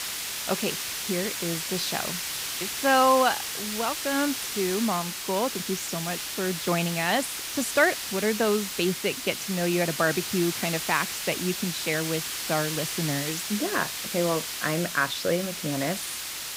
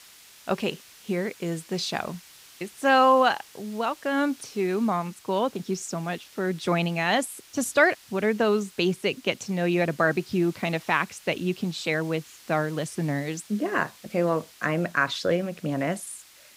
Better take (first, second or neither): second